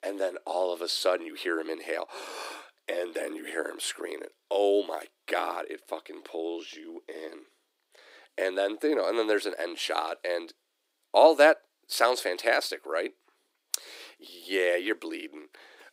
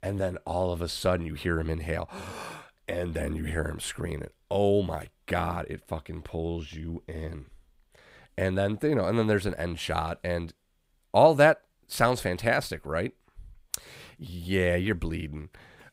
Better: second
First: thin; very; fading below 300 Hz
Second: none

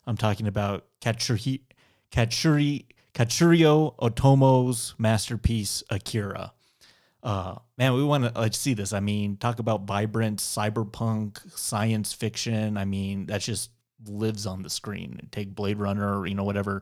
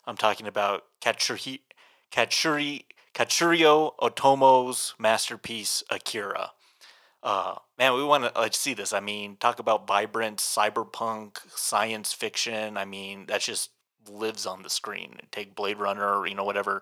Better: first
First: none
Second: thin; very; fading below 550 Hz

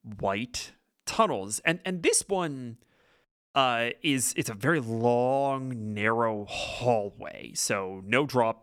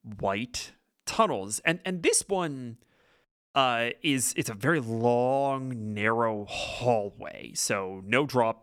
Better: neither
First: none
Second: none

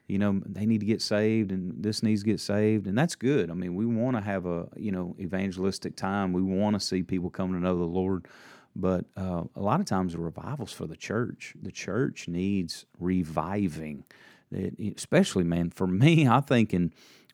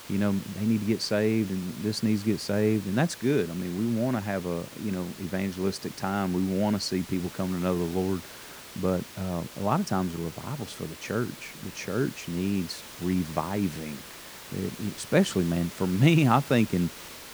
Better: first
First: none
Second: hiss; noticeable; throughout; 15 dB below the speech

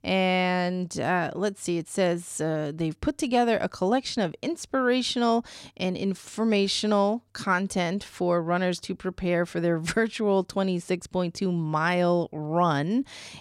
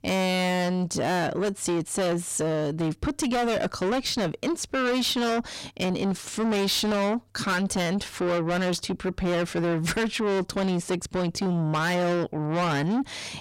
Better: first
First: none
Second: distortion; heavy; 6 dB below the speech

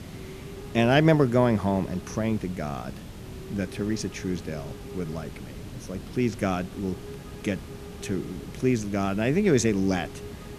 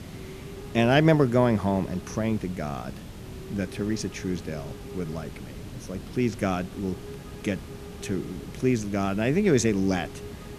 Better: neither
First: hiss; noticeable; throughout; 15 dB below the speech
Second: hiss; noticeable; throughout; 15 dB below the speech

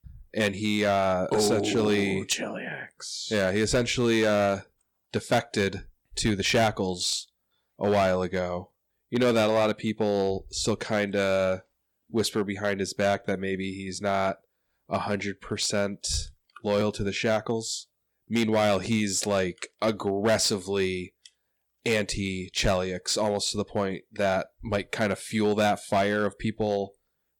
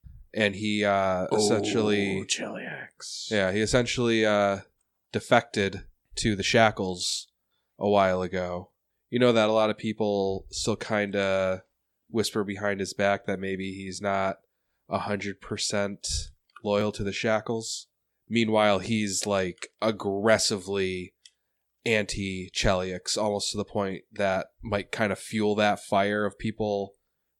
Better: second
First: distortion; slight; 4% of the sound clipped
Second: none

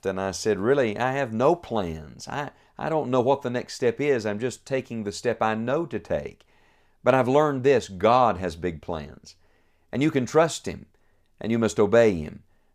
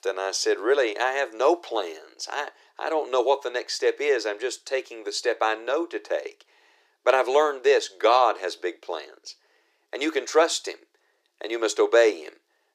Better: first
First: none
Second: thin; very; fading below 350 Hz

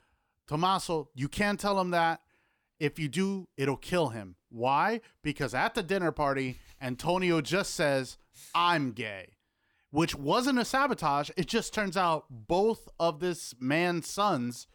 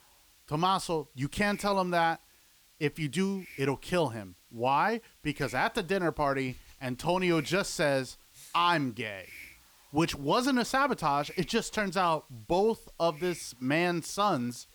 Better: first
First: none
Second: hiss; faint; throughout; 25 dB below the speech

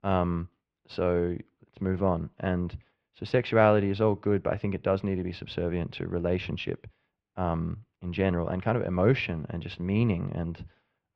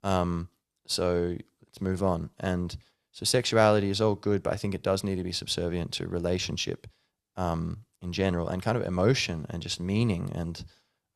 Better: second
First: muffled; very; fading above 2.5 kHz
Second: none

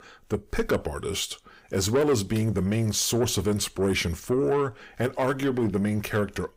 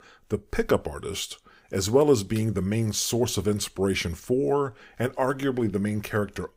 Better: second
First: distortion; slight; 10 dB below the speech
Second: none

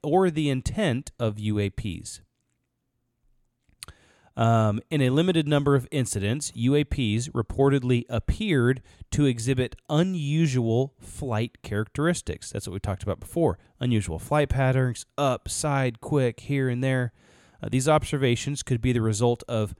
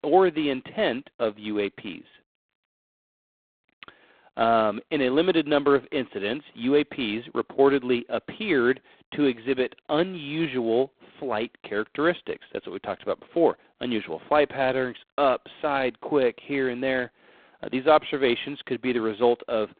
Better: first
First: none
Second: phone-call audio; poor line; nothing above 3.5 kHz

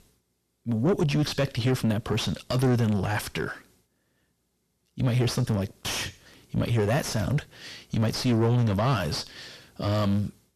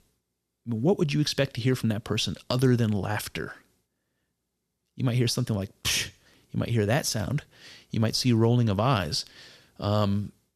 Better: second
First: distortion; heavy; 5 dB below the speech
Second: none

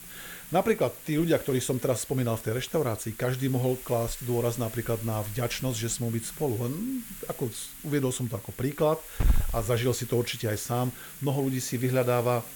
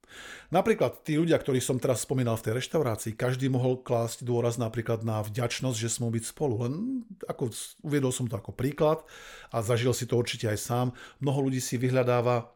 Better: second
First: hiss; loud; throughout; 10 dB below the speech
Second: none

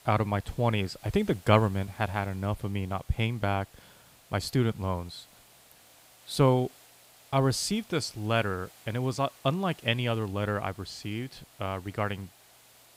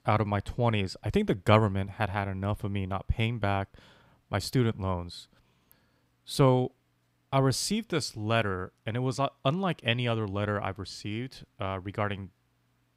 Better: second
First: hiss; faint; throughout; 25 dB below the speech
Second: none

